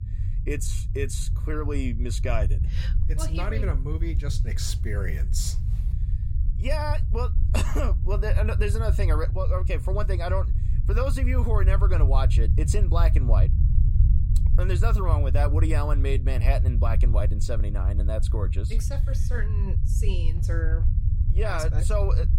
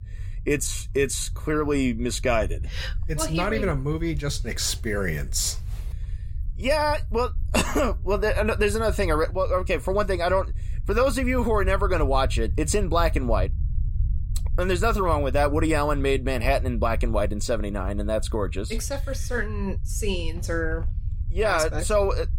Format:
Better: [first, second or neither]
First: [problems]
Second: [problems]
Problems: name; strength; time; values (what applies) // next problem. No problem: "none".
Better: second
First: low rumble; loud; throughout; 9 dB below the speech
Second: low rumble; faint; throughout; 25 dB below the speech